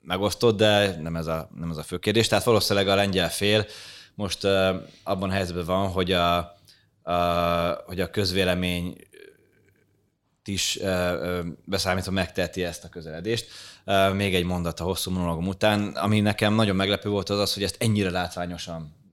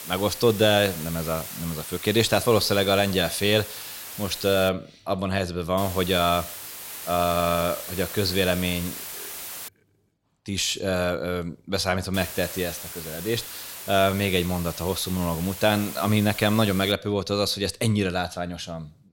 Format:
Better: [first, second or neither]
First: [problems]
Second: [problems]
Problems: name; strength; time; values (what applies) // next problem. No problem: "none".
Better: first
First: none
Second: hiss; noticeable; until 4.5 s, from 6 to 9.5 s and from 12 to 17 s; 10 dB below the speech